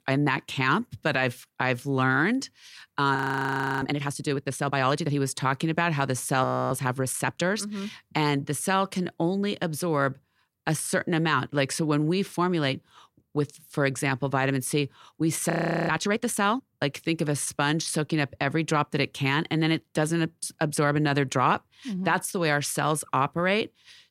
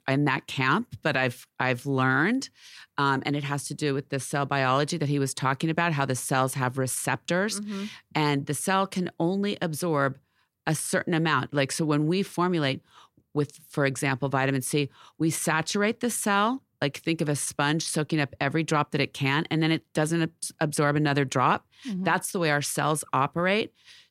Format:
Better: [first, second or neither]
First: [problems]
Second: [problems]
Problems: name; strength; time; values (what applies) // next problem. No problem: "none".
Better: second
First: audio freezing; at 3 s for 0.5 s, at 6.5 s and at 16 s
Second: none